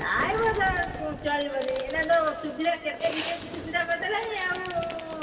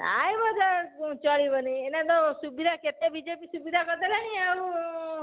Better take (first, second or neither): second